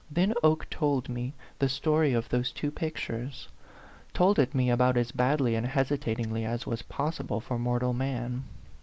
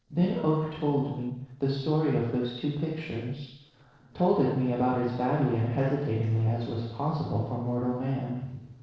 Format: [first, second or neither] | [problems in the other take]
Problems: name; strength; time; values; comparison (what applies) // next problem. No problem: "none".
first | noise reduction (neural separator model SepFormer DNS4)